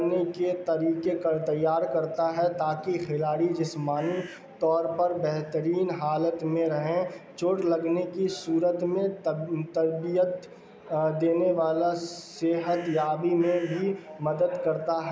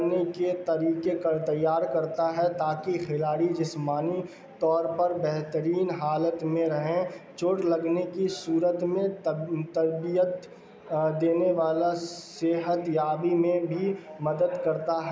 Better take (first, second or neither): second